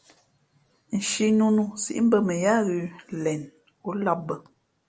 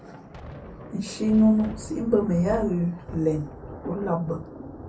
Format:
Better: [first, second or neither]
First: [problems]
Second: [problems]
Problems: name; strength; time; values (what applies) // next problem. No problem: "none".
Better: first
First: none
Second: background sound (Thunder); 13 dB below the speech // room echo; dies away in 0.3 s